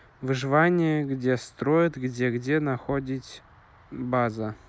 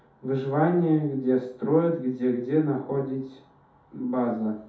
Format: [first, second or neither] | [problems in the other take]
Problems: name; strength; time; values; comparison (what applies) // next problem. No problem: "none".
first | room echo; dies away in 0.5 s